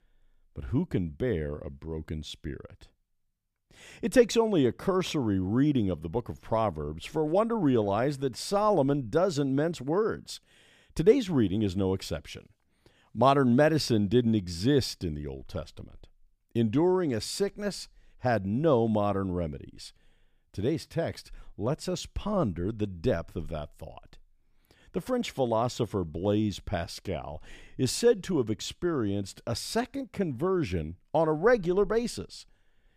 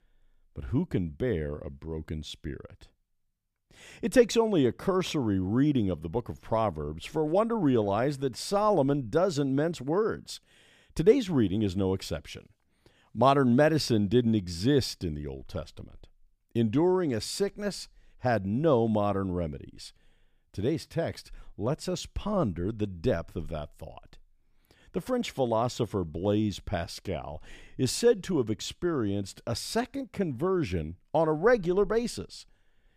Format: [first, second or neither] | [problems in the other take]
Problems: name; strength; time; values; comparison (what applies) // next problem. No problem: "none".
neither | none